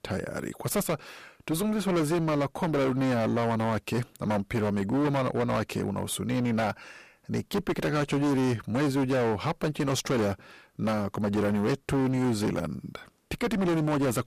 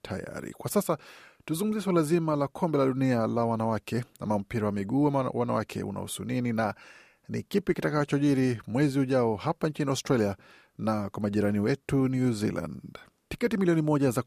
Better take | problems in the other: second | distortion; heavy; 24% of the sound clipped

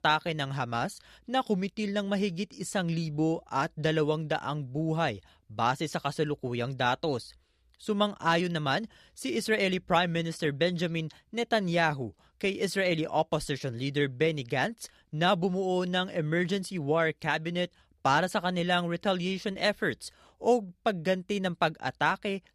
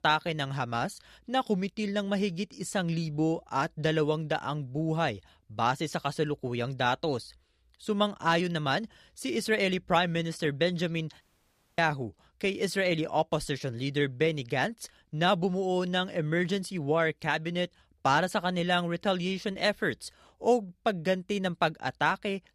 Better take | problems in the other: first | audio cutting out; at 11 s for 0.5 s

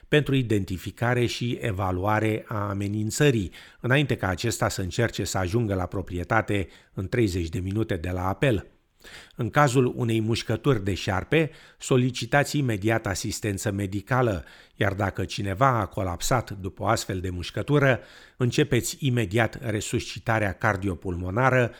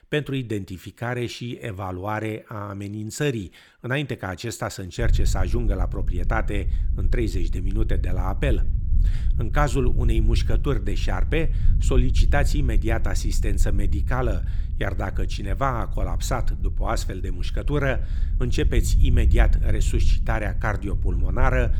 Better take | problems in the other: first | low rumble; noticeable; from 5 s on; 15 dB below the speech

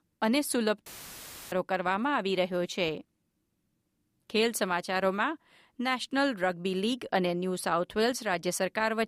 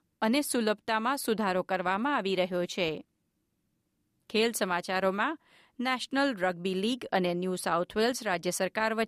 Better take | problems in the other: second | audio cutting out; filled with static; at 1 s for 0.5 s

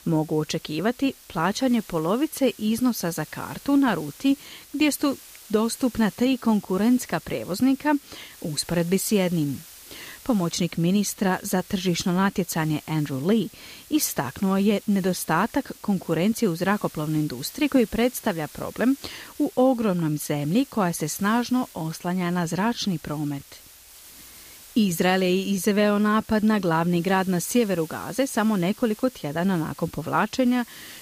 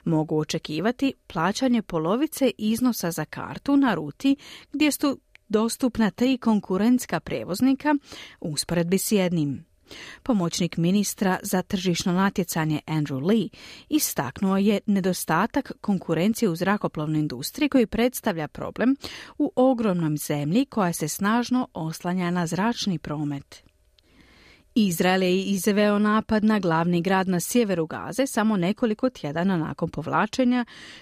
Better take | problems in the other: second | hiss; faint; throughout; 20 dB below the speech

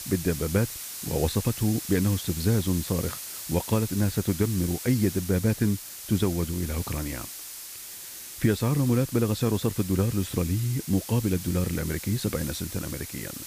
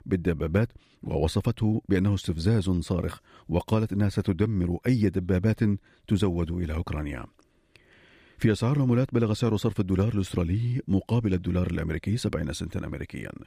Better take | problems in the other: second | hiss; loud; throughout; 9 dB below the speech

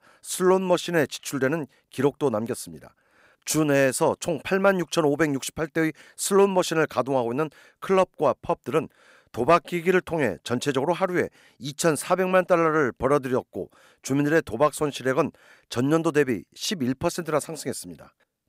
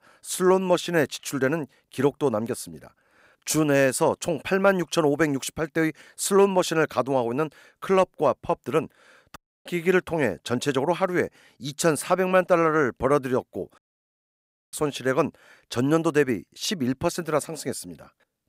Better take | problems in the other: first | audio cutting out; at 9.5 s and at 14 s for 1 s

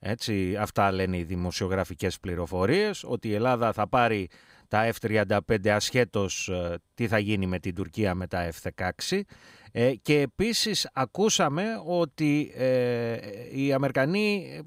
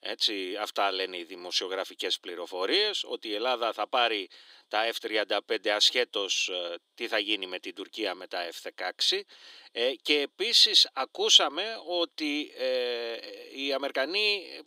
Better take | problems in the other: first | thin; somewhat; fading below 300 Hz

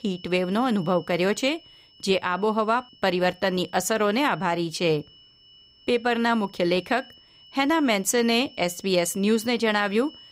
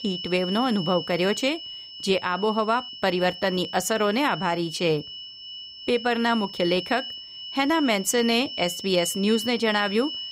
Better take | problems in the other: first | high-pitched whine; loud; throughout; 3 kHz, 9 dB below the speech; faint in the first

